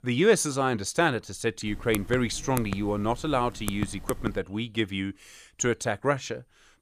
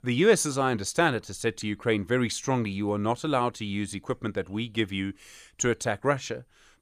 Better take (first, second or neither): second